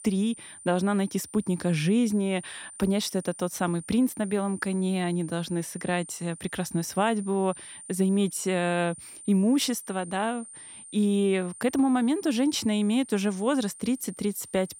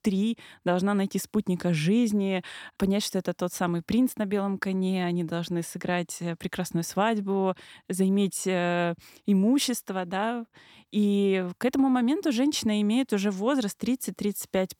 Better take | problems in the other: second | high-pitched whine; noticeable; throughout; 9 kHz, 15 dB below the speech

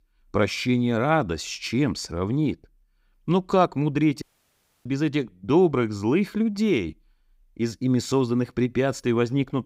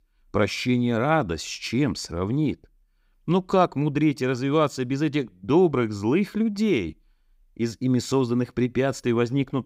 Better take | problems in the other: second | audio cutting out; at 4 s for 0.5 s

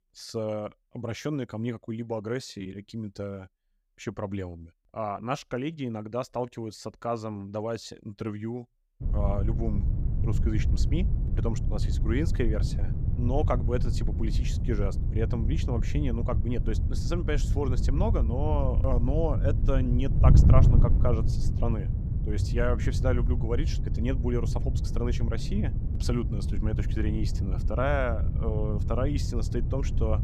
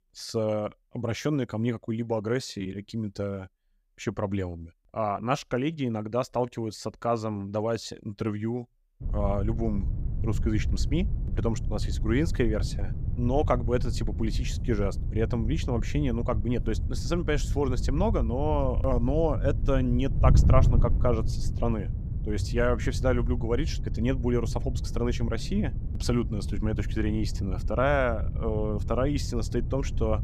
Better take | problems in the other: second | wind noise on the microphone; heavy; from 9 s on; 7 dB below the speech; occasional gusts in the second

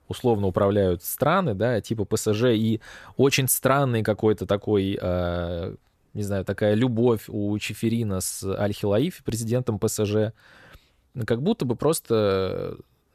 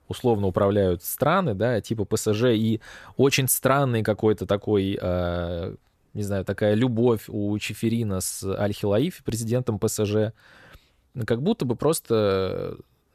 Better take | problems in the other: neither | none

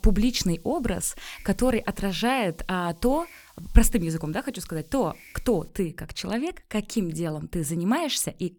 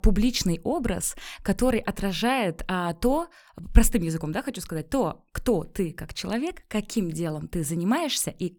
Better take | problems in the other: second | hiss; faint; until 5.5 s; 25 dB below the speech

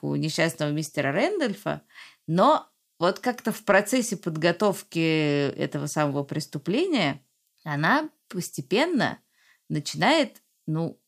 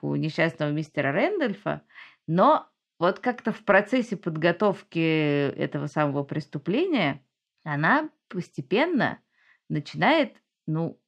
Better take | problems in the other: first | muffled; slightly; fading above 2.5 kHz

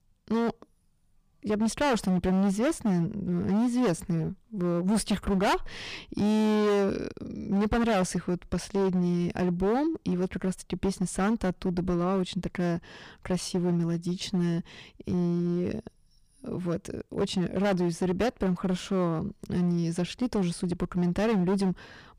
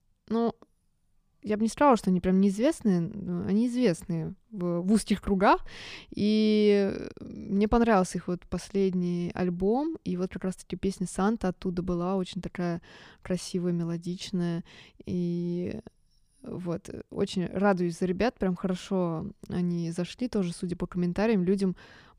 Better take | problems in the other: second | distortion; heavy; 13% of the sound clipped

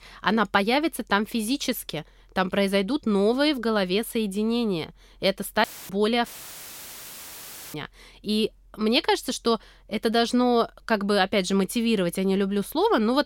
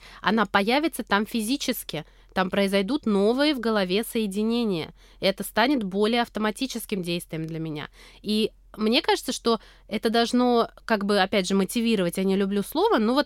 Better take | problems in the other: second | audio cutting out; filled with static; at 5.5 s and at 6.5 s for 1.5 s

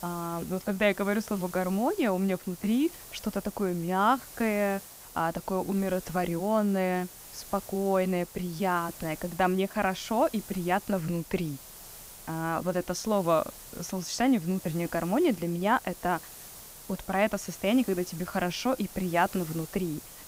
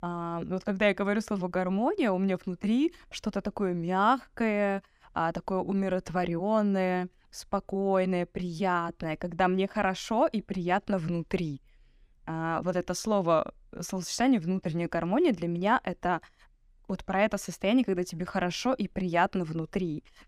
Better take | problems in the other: second | hiss; noticeable; throughout; 15 dB below the speech

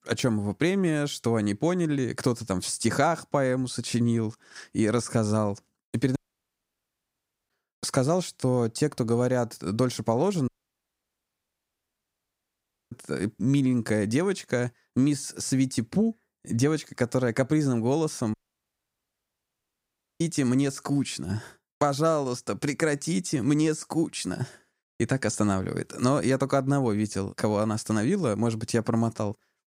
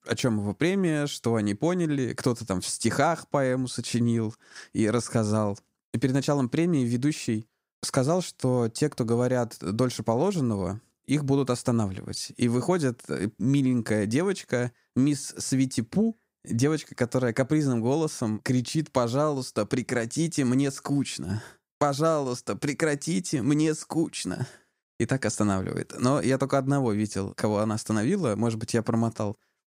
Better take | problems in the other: second | audio cutting out; at 6 s for 1.5 s, at 10 s for 2.5 s and at 18 s for 2 s

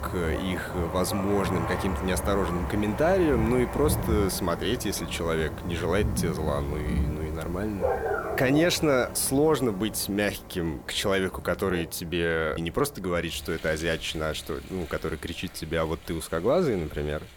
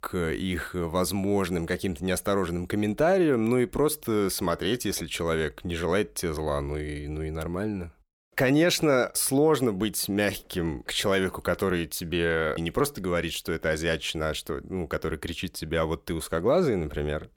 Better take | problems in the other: second | rain or running water; loud; throughout; 6 dB below the speech

